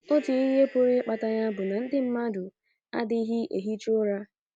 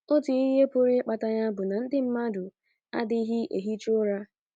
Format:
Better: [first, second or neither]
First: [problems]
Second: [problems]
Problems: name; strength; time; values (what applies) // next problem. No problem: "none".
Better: second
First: background sound (Cheering); 19 dB below the speech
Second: none